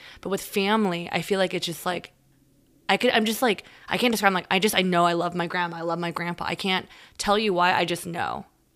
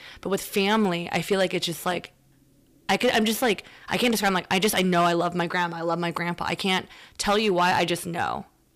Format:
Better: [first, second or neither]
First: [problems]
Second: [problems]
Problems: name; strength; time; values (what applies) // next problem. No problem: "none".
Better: first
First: none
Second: distortion; slight; 4% of the sound clipped